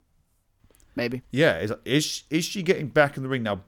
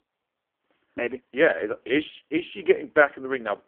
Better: first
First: none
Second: phone-call audio; poor line; nothing above 3.5 kHz

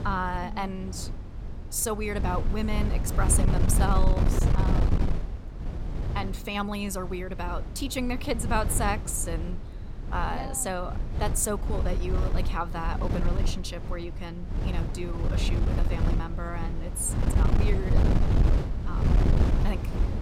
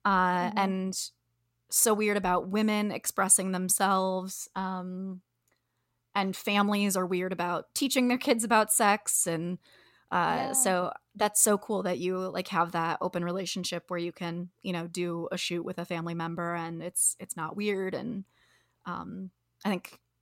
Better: second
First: wind noise on the microphone; heavy; 6 dB below the speech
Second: none

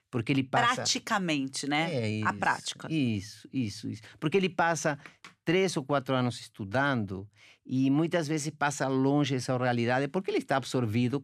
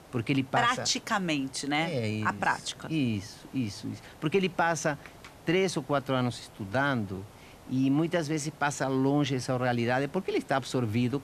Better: first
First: none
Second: hiss; faint; throughout; 25 dB below the speech

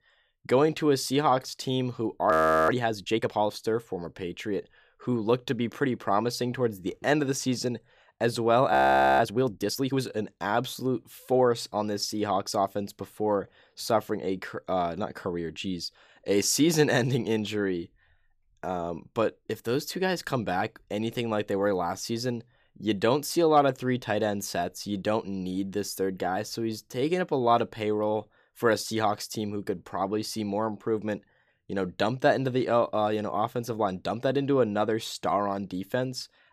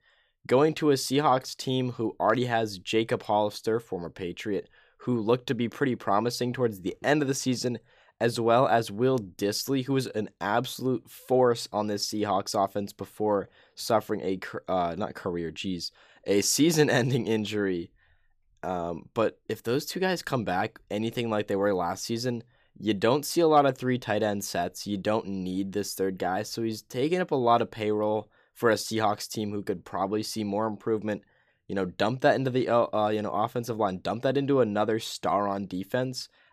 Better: second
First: audio freezing; at 2.5 s and at 8.5 s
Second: none

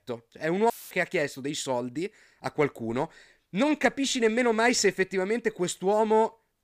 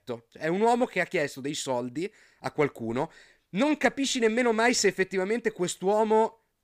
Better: second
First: audio cutting out; filled with static; at 0.5 s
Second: none

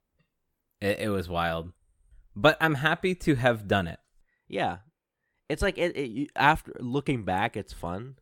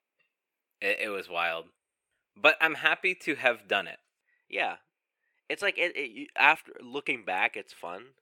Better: first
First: none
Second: thin; somewhat; fading below 450 Hz

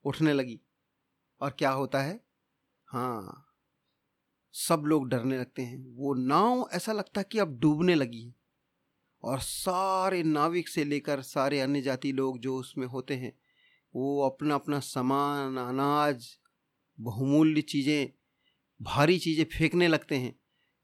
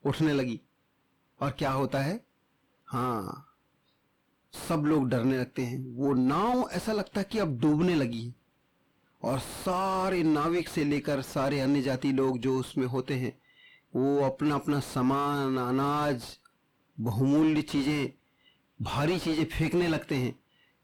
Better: first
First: none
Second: distortion; heavy; 6 dB below the speech

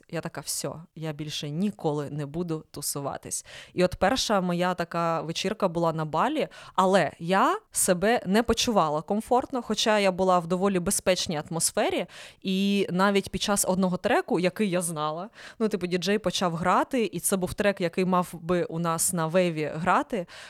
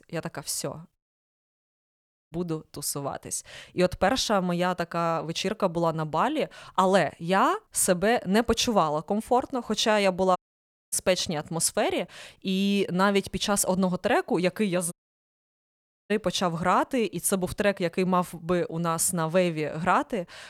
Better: first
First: none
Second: audio cutting out; at 1 s for 1.5 s, at 10 s for 0.5 s and at 15 s for 1 s

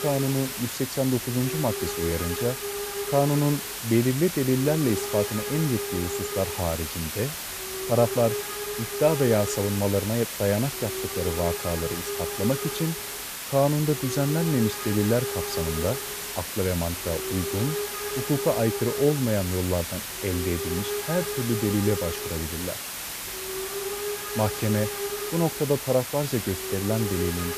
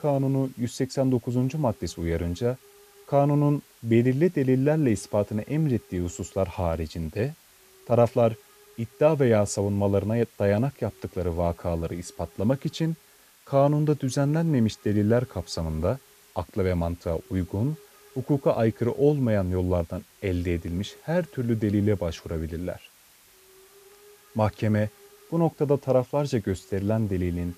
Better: second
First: hiss; loud; throughout; 3 dB below the speech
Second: hiss; faint; throughout; 25 dB below the speech

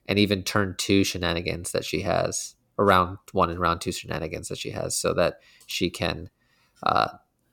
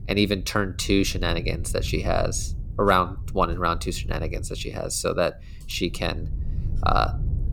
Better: first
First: none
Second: wind noise on the microphone; occasional gusts; 25 dB below the speech

